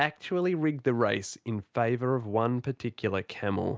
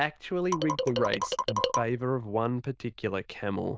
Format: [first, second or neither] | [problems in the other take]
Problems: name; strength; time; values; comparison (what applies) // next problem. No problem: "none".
first | noise reduction (neural diffusion model UNIVERSE++)